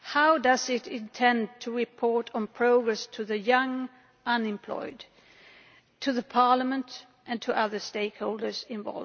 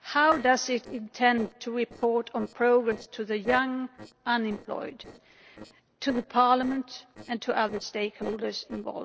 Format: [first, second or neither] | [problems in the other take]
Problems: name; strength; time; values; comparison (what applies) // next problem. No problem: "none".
first | noise reduction (neural separator model SepFormer DNS4)